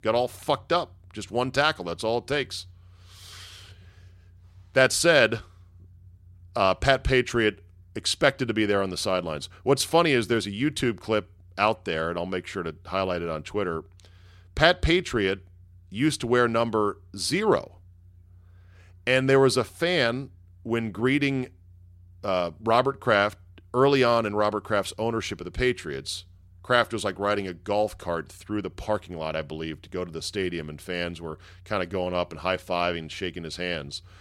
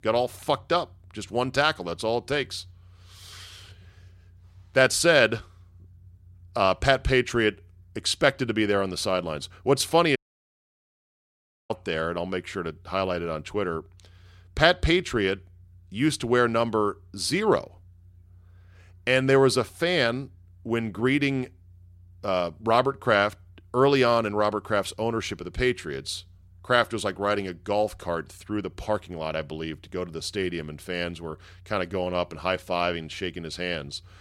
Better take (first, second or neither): first